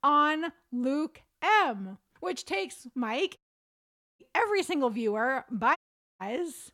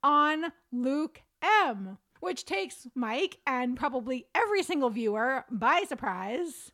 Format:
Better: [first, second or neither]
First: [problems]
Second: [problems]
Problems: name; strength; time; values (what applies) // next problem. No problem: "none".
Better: second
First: audio cutting out; at 3.5 s for 1 s and at 6 s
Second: none